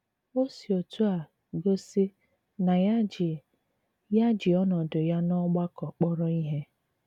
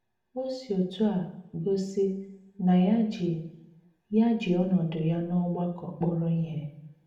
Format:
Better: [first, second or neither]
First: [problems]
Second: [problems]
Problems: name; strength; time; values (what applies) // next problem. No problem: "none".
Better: first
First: none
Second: room echo; dies away in 0.6 s